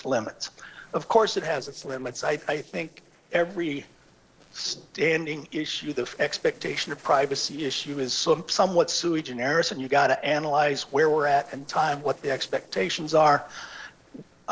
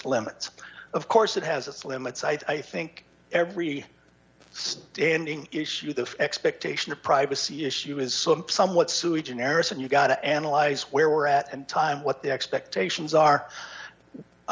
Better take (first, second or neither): second